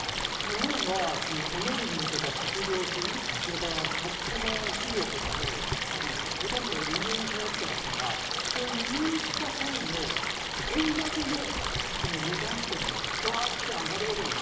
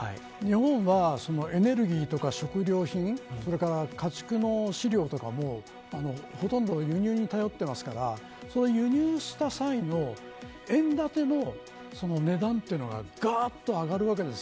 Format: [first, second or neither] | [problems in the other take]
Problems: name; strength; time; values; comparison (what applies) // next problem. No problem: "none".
second | background sound (Stream); 4 dB above the speech // room echo; dies away in 1.1 s